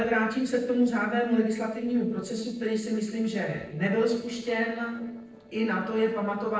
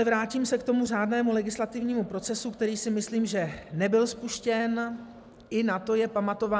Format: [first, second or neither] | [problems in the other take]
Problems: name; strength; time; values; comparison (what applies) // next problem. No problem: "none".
second | noise reduction (neural separator model SepFormer DNS4)